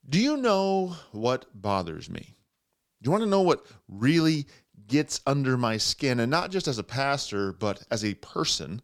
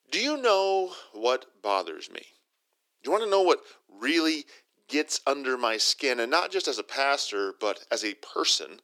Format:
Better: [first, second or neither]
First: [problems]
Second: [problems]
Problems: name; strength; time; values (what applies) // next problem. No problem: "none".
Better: first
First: none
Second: thin; somewhat; fading below 350 Hz